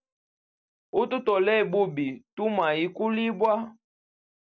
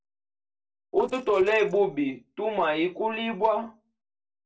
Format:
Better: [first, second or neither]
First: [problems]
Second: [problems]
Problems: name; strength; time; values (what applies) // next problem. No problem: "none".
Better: first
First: none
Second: noise reduction (neural separator model SepFormer DNS4)